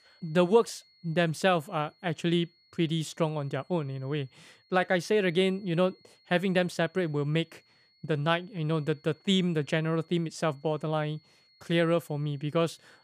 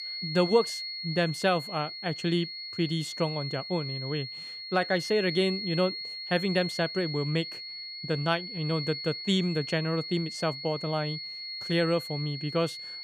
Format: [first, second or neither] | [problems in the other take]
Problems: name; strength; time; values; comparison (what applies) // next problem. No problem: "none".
first | high-pitched whine; loud; throughout; 4.5 kHz, 6 dB below the speech; faint in the first